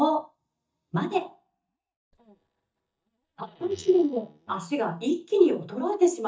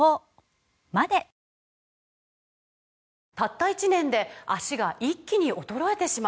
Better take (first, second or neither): second